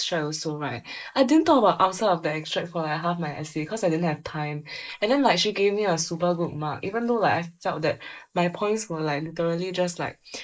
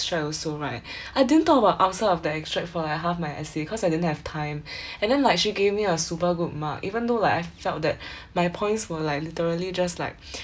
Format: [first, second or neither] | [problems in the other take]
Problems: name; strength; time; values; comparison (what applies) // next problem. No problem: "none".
second | noise reduction (neural mask model Resemble Enhance denoiser)